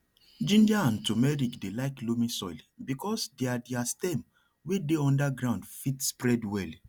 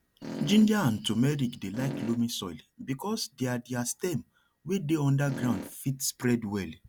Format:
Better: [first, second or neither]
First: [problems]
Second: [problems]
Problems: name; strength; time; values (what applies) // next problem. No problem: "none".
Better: first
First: none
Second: background sound (Fart); 8 dB below the speech